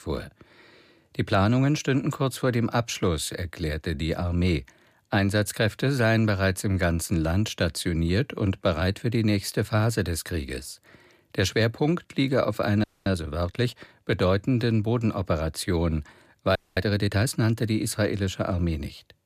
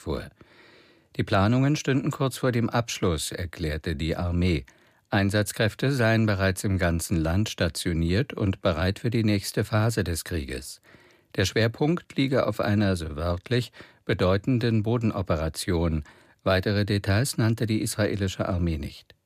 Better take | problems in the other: second | audio freezing; at 13 s and at 17 s

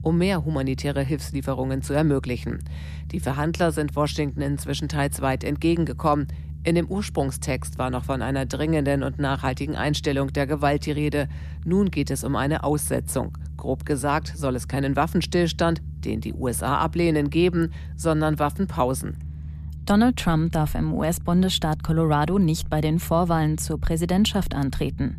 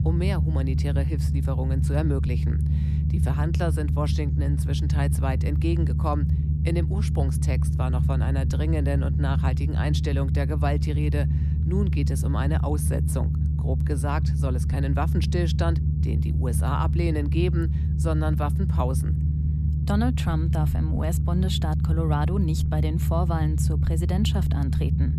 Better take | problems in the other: first | low rumble; loud; throughout; 5 dB below the speech; faint in the first

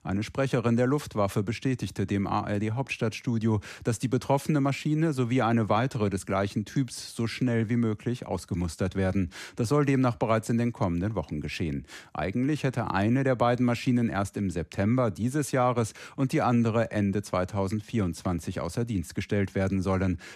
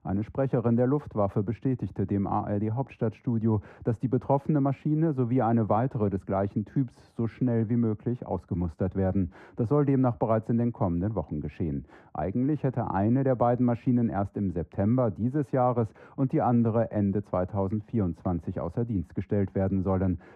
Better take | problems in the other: first | muffled; very; fading above 2 kHz

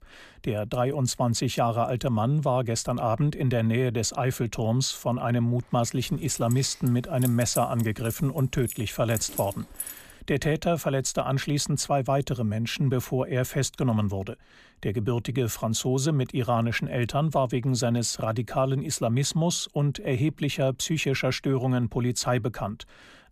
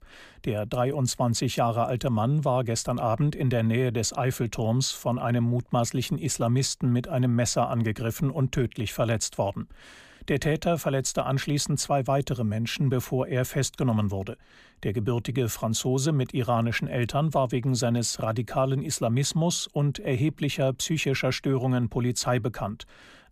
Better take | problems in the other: second | jangling keys; noticeable; from 6 to 10 s; peak 7 dB below the speech

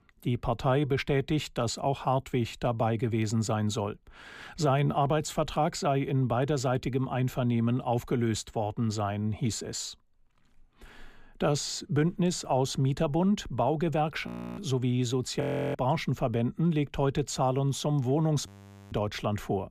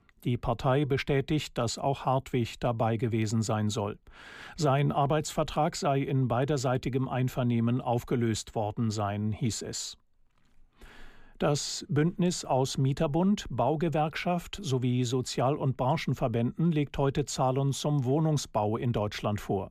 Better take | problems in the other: second | audio freezing; at 14 s, at 15 s and at 18 s

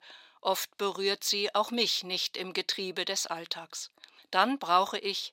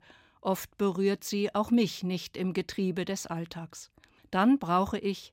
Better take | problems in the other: second | thin; somewhat; fading below 550 Hz

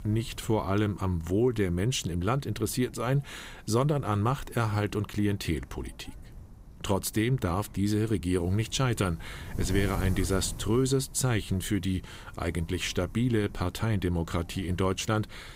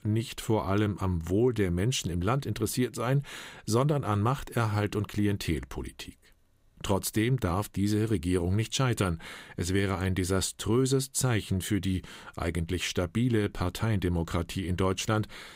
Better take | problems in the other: second | wind noise on the microphone; occasional gusts; 20 dB below the speech

